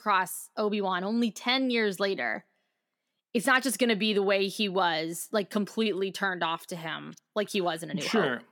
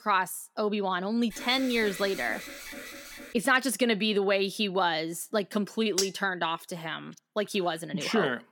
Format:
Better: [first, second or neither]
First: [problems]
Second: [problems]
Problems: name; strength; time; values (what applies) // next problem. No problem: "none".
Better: first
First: none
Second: alarm; faint; from 1.5 to 3.5 s; peak 10 dB below the speech // clattering dishes; noticeable; at 6 s; peak 2 dB below the speech